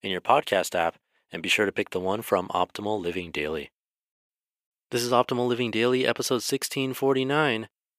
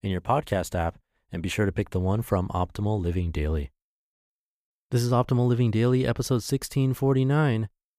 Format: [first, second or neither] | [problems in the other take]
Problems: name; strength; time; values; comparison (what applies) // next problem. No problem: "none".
second | thin; somewhat; fading below 350 Hz